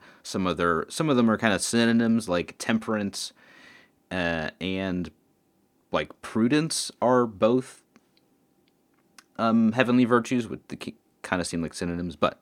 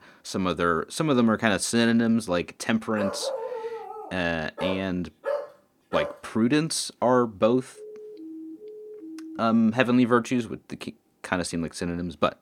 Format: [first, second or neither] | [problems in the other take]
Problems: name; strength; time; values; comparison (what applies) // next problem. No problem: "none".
first | dog barking; noticeable; from 3 to 6 s; peak 5 dB below the speech // siren; faint; from 8 to 9.5 s; peak 15 dB below the speech